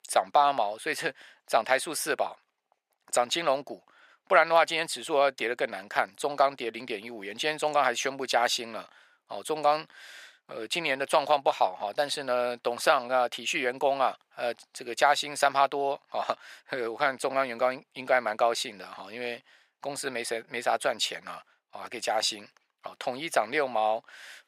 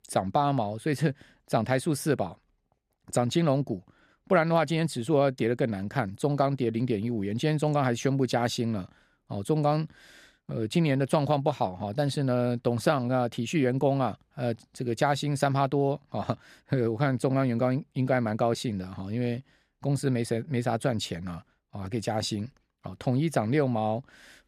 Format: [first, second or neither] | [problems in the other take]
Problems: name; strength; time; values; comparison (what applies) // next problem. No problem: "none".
second | thin; very; fading below 800 Hz